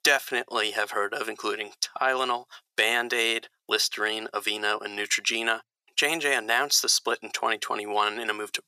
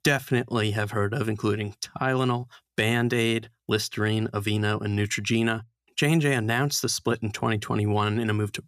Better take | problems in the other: second | thin; very; fading below 500 Hz

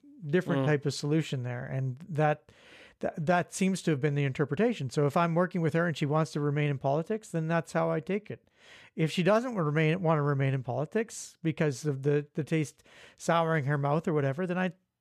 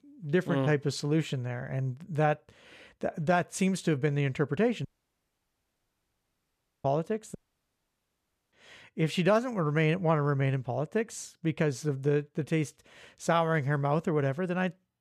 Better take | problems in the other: first | audio cutting out; at 5 s for 2 s and at 7.5 s for 1 s

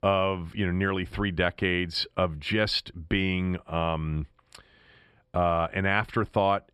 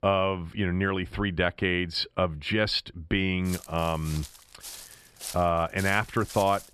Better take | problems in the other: first | footsteps; faint; from 3.5 s on; peak 10 dB below the speech

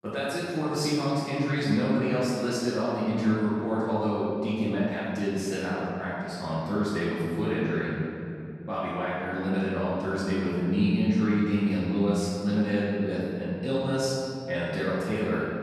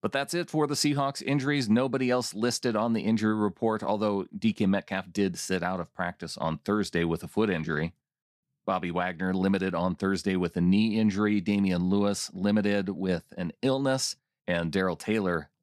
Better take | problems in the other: second | off-mic speech; far // room echo; strong; dies away in 2.6 s

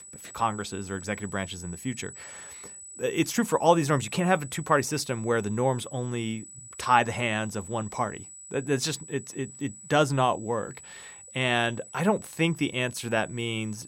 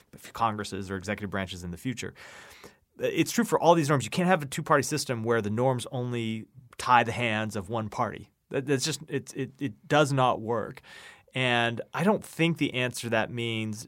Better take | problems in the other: second | high-pitched whine; noticeable; throughout; 8 kHz, 15 dB below the speech

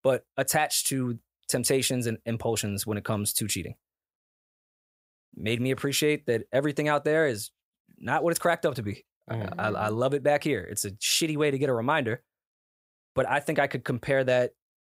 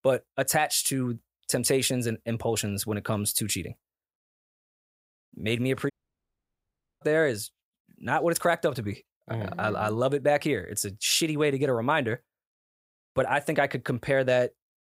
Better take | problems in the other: first | audio cutting out; at 6 s for 1 s

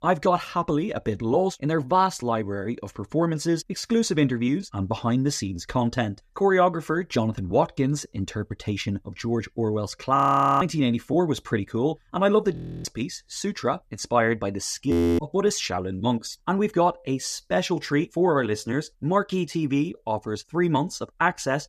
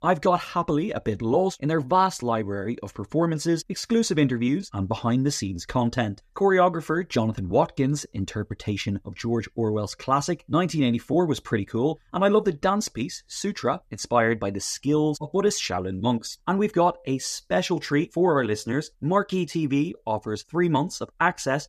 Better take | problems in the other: second | audio freezing; at 10 s, at 13 s and at 15 s

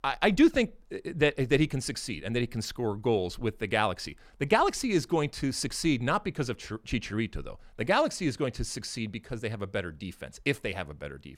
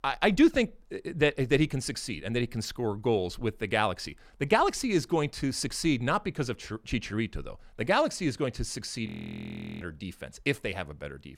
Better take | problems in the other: first | audio freezing; at 9 s for 0.5 s

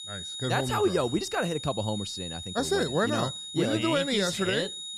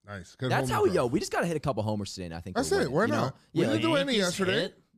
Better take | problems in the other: second | high-pitched whine; loud; throughout; 3.5 kHz, 8 dB below the speech

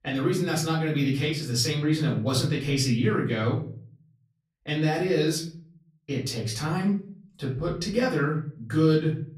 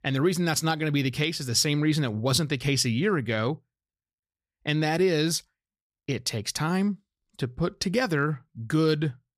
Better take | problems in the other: second | off-mic speech; far // room echo; slight; dies away in 0.5 s

